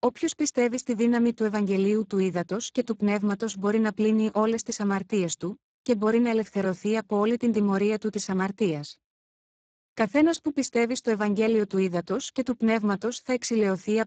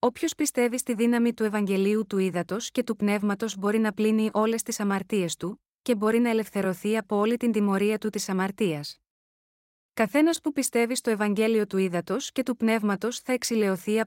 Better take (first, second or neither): second